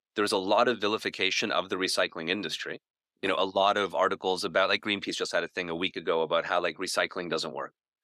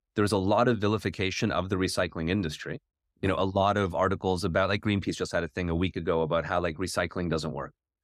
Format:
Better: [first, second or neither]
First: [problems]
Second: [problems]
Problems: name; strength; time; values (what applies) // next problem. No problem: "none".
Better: second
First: thin; somewhat; fading below 350 Hz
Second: none